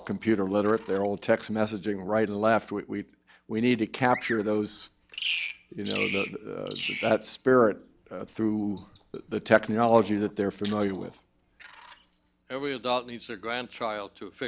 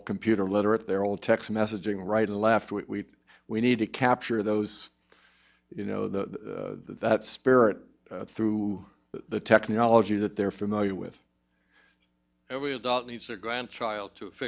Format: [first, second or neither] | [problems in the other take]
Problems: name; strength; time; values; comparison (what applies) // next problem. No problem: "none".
second | background sound (Bird vocalization, bird call, bird song); 14 dB below the speech